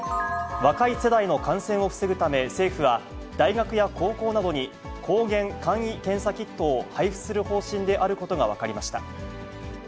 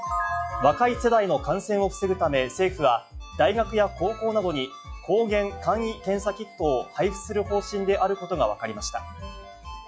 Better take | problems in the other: first | noise reduction (classical method log-MMSE)

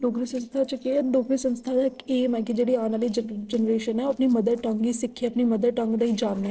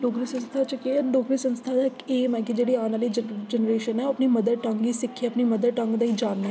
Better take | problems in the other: second | noise reduction (neural separator model SepFormer DNS4)

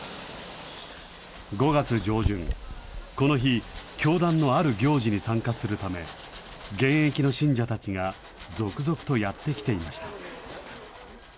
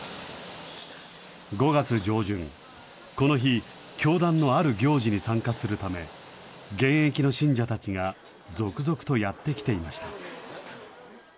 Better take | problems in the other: second | background sound (Domestic sounds, home sounds); 14 dB below the speech

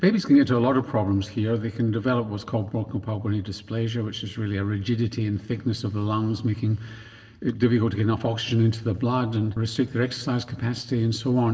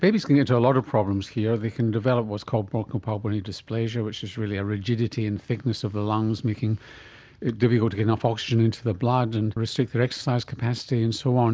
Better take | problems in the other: second | room echo; dies away in 1.6 s

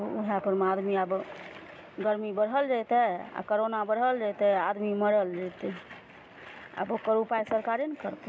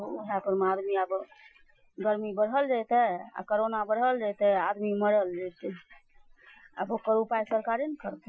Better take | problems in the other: first | noise reduction (classical method Wiener filter)

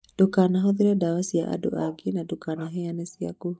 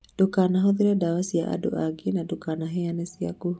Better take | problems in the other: second | noise reduction (neural mask model DeepFilterNet 3)

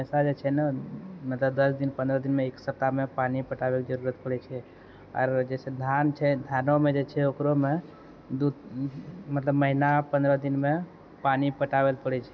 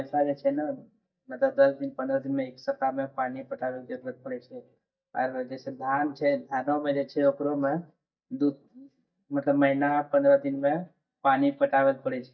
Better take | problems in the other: first | noise reduction (neural mask model DeepFilterNet 3)

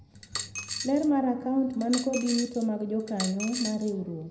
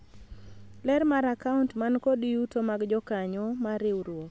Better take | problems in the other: second | background sound (Coin (dropping)); 9 dB below the speech // room echo; dies away in 0.7 s

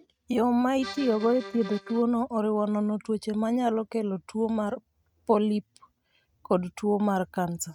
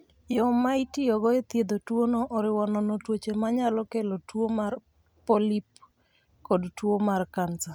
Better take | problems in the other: second | noise reduction (neural mask model RNNoise)

